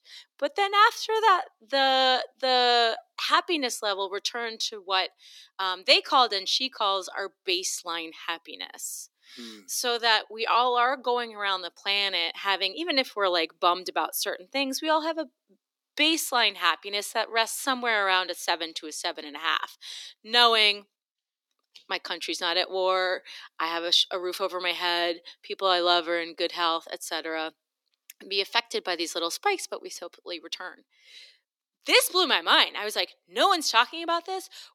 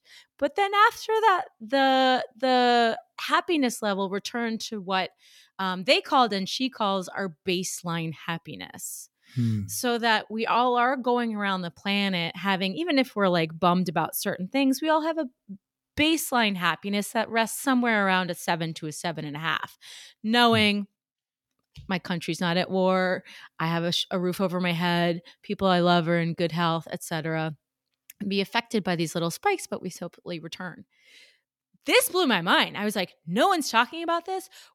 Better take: second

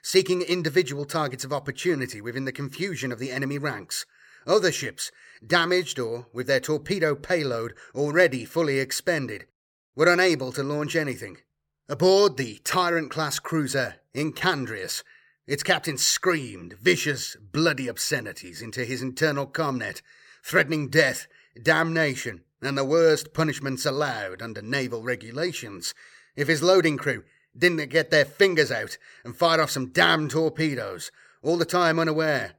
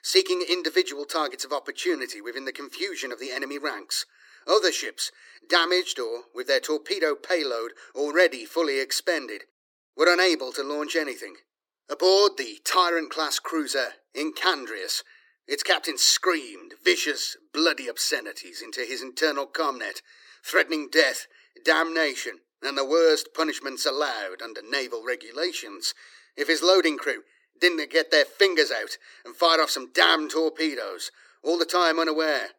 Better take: first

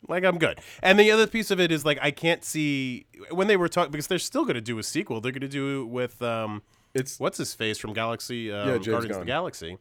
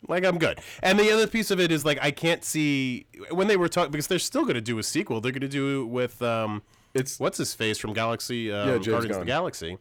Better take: first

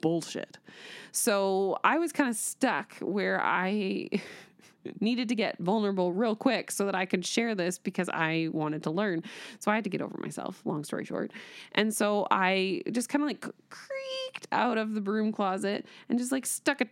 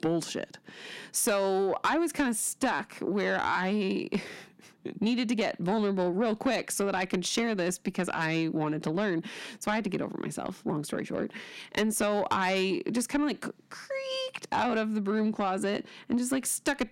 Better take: first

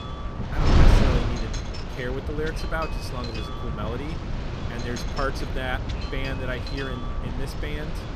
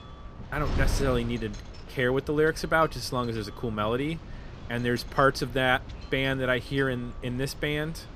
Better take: second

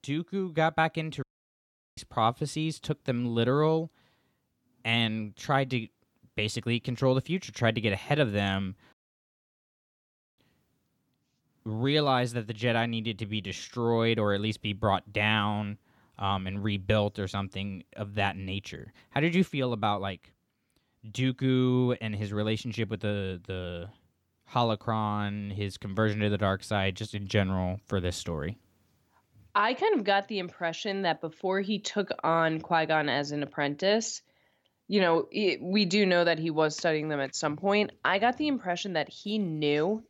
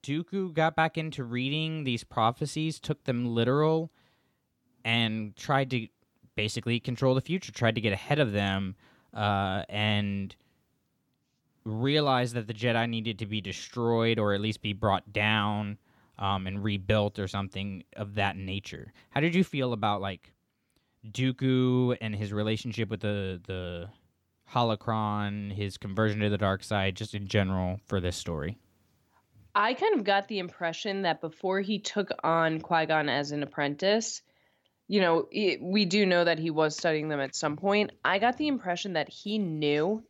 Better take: second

